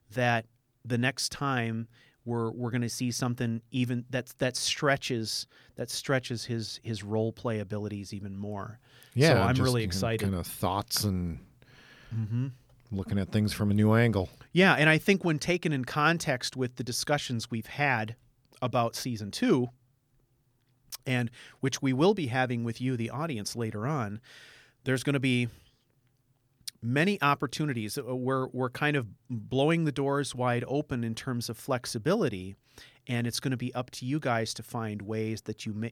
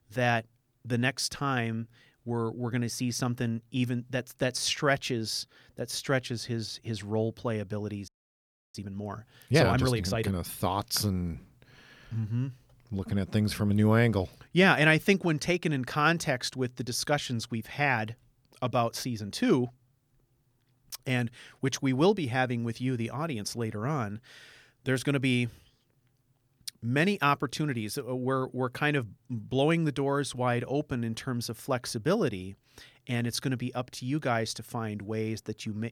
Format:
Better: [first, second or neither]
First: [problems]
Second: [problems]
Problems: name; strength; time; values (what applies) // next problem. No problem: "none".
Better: first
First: none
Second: audio freezing; at 8 s for 0.5 s